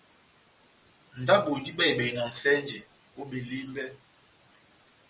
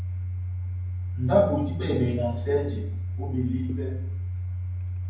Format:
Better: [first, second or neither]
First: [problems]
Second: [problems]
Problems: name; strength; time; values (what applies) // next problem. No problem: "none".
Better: first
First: none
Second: background sound (Domestic sounds, home sounds); 1 dB below the speech // room echo; dies away in 0.9 s